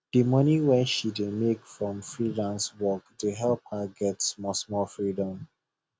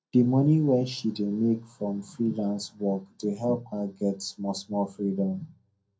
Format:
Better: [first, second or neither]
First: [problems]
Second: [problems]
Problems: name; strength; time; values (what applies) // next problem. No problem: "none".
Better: first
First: none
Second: room echo; dies away in 0.2 s